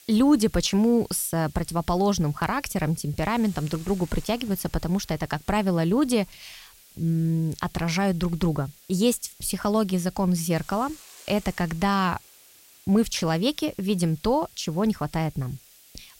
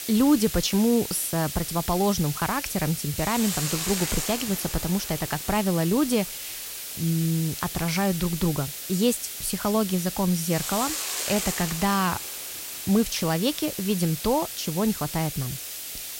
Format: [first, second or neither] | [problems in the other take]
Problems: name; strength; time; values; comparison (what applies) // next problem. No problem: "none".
first | hiss; loud; throughout; 5 dB below the speech; faint in the first